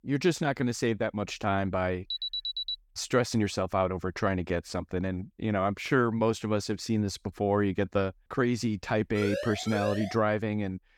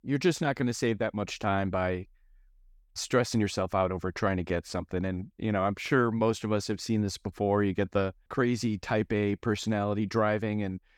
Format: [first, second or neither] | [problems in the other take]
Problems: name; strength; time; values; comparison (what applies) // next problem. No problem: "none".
second | alarm; noticeable; at 2 s; peak 2 dB below the speech // siren; noticeable; from 9 to 10 s; peak 5 dB below the speech